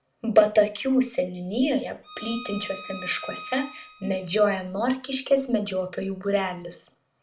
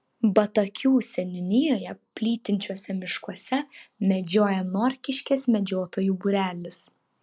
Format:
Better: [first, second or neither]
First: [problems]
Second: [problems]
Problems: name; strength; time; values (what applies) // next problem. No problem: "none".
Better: second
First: background sound (Bowed string instrument); 16 dB below the speech // room echo; dies away in 0.3 s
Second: none